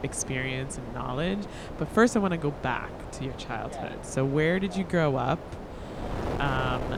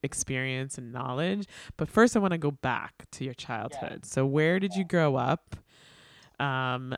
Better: second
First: wind noise on the microphone; occasional gusts; 10 dB below the speech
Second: none

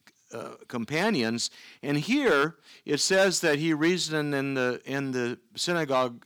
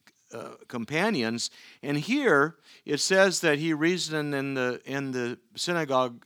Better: second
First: distortion; slight; 2% of the sound clipped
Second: none

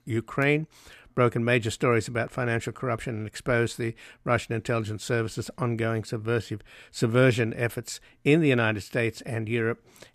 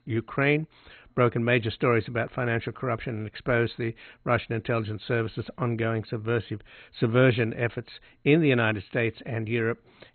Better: first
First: none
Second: garbled, watery; badly; nothing above 4 kHz

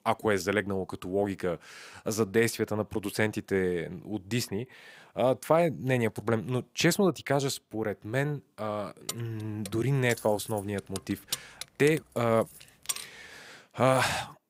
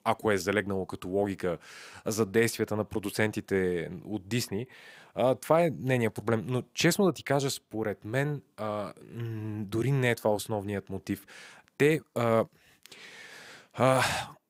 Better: second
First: jangling keys; noticeable; from 9 to 13 s; peak 5 dB below the speech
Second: none

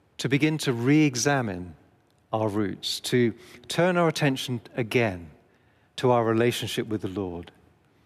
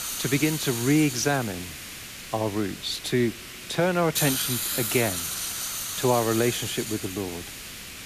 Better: first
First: none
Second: hiss; loud; throughout; 4 dB below the speech

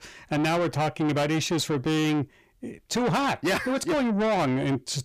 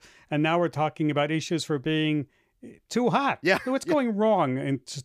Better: second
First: distortion; heavy; 7 dB below the speech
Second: none

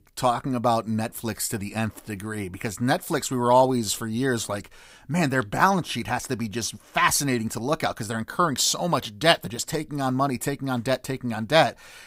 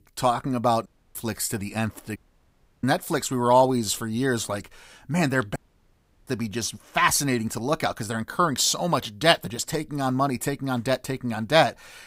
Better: first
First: none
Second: audio cutting out; at 1 s, at 2 s for 0.5 s and at 5.5 s for 0.5 s

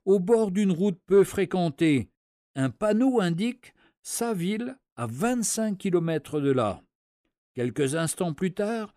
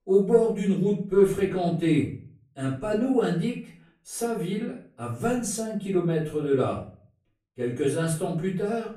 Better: first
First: none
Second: room echo; slight; dies away in 0.4 s // off-mic speech; far

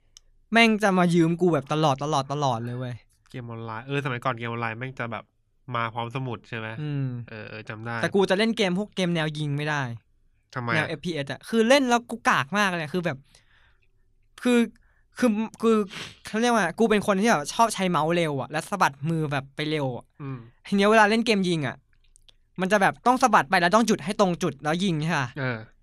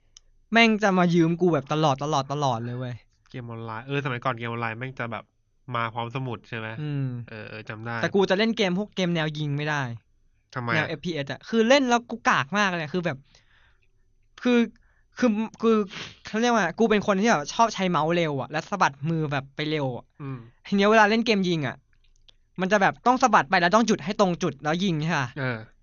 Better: first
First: none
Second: garbled, watery; slightly; nothing above 6.5 kHz

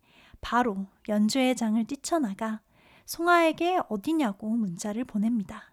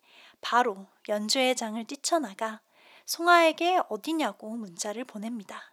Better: first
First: none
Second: thin; somewhat; fading below 450 Hz

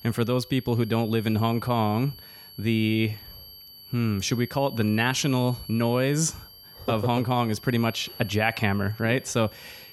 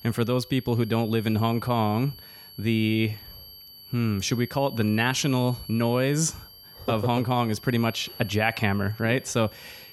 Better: neither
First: high-pitched whine; noticeable; throughout; 4.5 kHz, 20 dB below the speech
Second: high-pitched whine; noticeable; throughout; 4.5 kHz, 20 dB below the speech

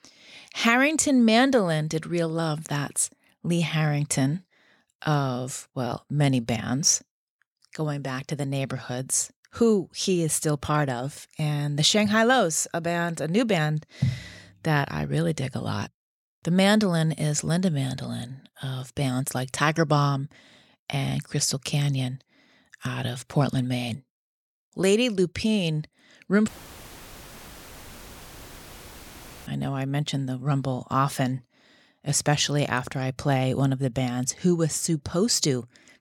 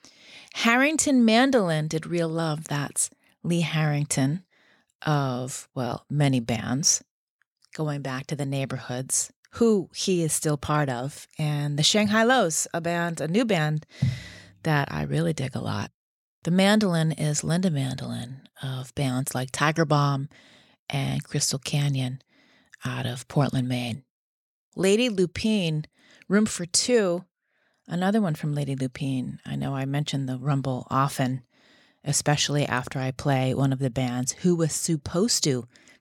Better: second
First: audio cutting out; filled with static; at 26 s for 3 s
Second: none

